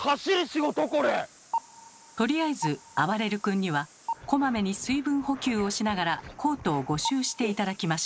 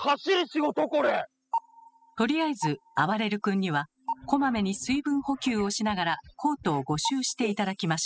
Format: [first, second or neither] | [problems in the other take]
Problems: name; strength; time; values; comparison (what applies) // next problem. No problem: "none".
first | noise reduction (classical method spectral subtraction)